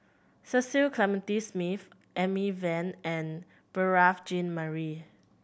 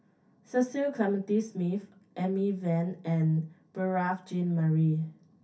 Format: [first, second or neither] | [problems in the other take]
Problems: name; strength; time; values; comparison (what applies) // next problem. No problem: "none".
first | room echo; dies away in 0.3 s